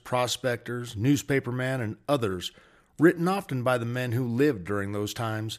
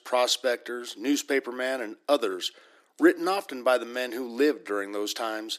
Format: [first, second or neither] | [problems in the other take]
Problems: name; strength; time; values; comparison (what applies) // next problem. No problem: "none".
first | thin; somewhat; fading below 300 Hz